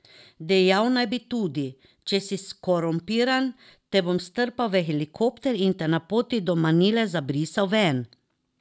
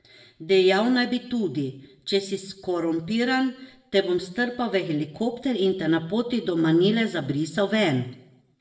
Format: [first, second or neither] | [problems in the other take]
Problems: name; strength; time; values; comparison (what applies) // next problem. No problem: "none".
first | room echo; dies away in 0.6 s